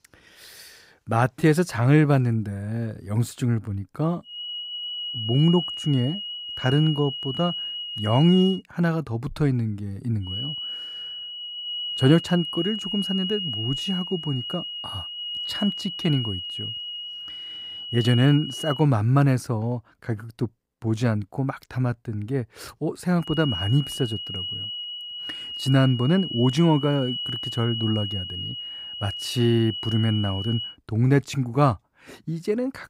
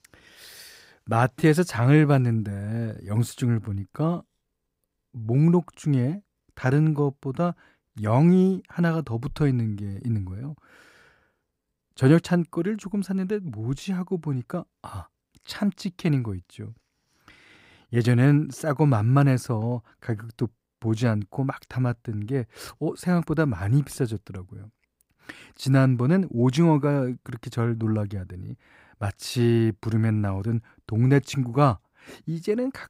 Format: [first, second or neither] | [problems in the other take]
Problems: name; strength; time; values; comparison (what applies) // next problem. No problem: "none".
second | high-pitched whine; loud; from 4.5 to 8.5 s, from 10 to 19 s and from 23 to 31 s; 3 kHz, 6 dB below the speech